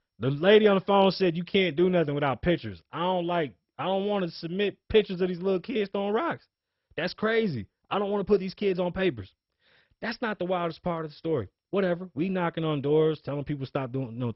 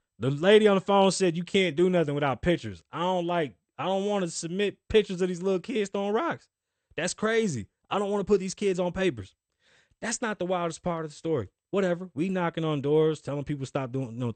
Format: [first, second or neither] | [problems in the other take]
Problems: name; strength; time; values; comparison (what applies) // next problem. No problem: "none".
second | garbled, watery; badly; nothing above 5.5 kHz; slightly in the second